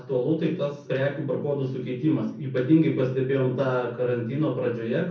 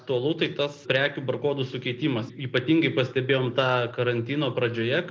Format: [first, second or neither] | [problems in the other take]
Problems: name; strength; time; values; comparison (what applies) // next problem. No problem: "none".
second | room echo; dies away in 0.6 s